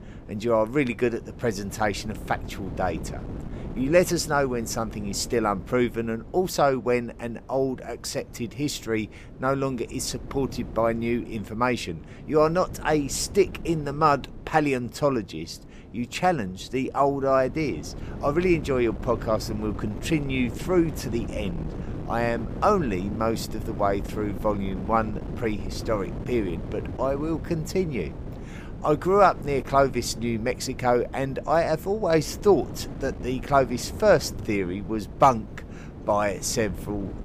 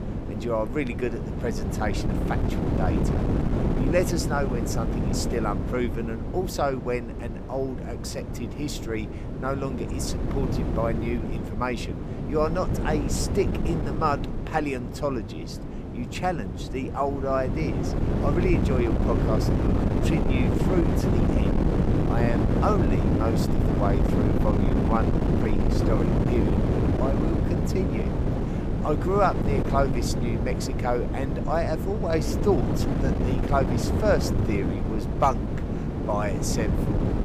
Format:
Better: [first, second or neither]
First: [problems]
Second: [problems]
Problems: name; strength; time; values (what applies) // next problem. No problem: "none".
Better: first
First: wind noise on the microphone; occasional gusts; 20 dB below the speech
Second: wind noise on the microphone; heavy; 3 dB below the speech